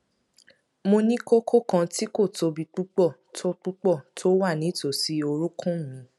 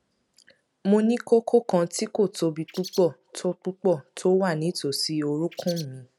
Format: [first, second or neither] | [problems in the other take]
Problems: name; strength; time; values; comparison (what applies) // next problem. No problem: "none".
first | background sound (Bird); 15 dB below the speech